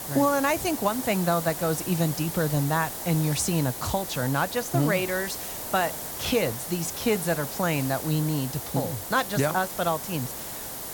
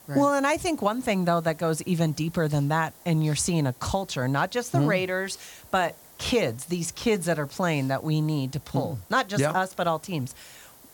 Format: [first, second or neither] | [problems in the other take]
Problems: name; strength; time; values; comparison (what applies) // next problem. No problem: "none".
second | hiss; loud; throughout; 6 dB below the speech; faint in the second